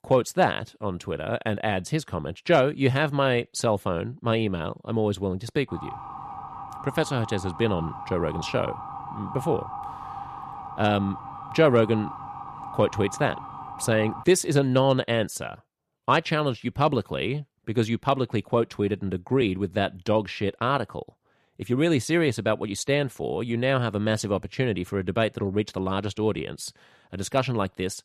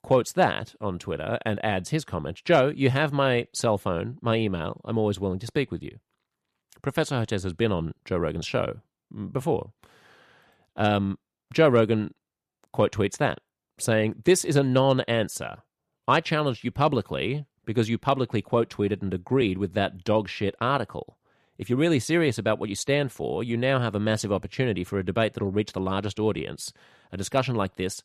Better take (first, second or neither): second